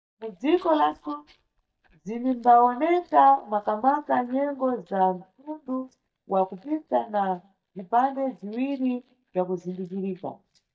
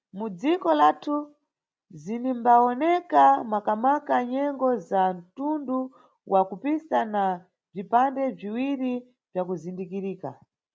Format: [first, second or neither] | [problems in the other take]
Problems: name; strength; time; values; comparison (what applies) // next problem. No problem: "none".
second | noise reduction (neural mask model DeepFilterNet 3)